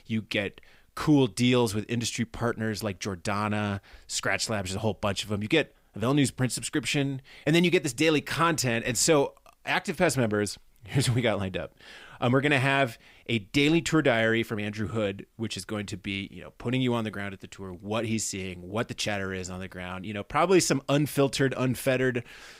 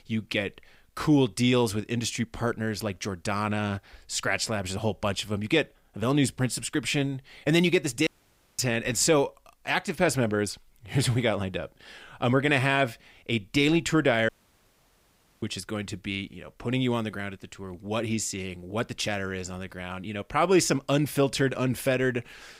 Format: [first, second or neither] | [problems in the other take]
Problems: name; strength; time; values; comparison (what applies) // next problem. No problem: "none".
first | audio cutting out; at 8 s for 0.5 s and at 14 s for 1 s